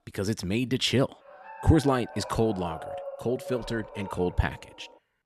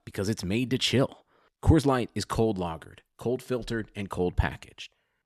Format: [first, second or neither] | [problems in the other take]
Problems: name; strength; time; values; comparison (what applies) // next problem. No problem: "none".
second | dog barking; noticeable; from 1.5 s on; peak 10 dB below the speech